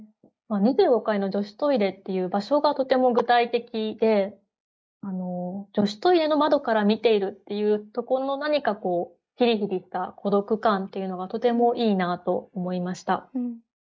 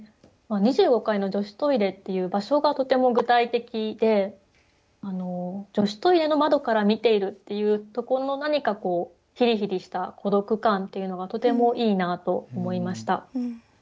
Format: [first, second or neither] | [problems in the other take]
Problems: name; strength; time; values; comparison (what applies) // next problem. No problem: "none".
second | noise reduction (neural mask model Resemble Enhance denoiser)